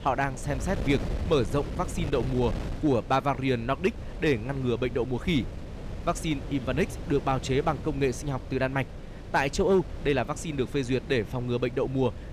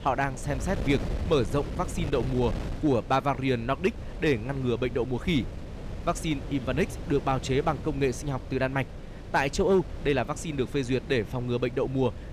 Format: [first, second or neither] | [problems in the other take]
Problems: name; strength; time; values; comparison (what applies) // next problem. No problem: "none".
neither | wind noise on the microphone; occasional gusts; 15 dB below the speech; the same in both